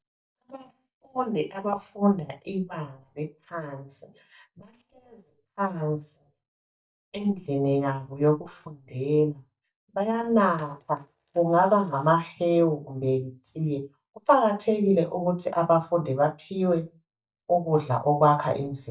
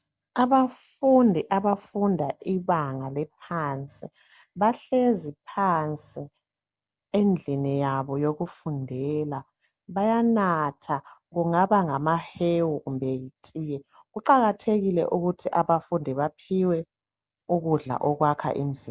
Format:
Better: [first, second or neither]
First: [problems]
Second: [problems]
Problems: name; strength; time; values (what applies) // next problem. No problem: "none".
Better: second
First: noise reduction (neural mask model DeepFilterNet 3)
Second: none